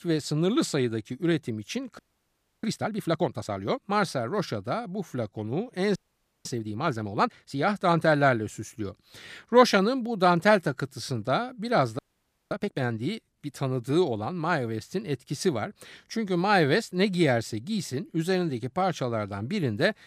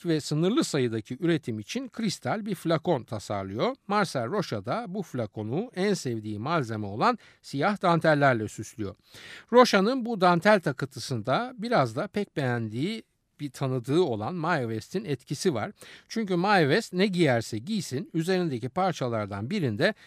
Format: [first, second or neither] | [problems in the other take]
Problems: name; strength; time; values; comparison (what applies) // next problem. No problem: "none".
second | audio freezing; at 2 s for 0.5 s, at 6 s and at 12 s for 0.5 s